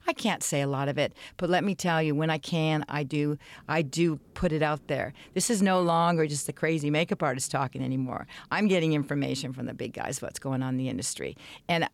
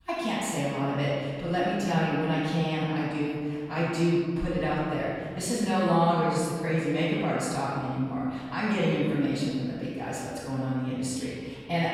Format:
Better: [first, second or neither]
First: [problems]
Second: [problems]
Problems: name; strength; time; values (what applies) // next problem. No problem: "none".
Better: first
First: none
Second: room echo; strong; dies away in 1.9 s // off-mic speech; far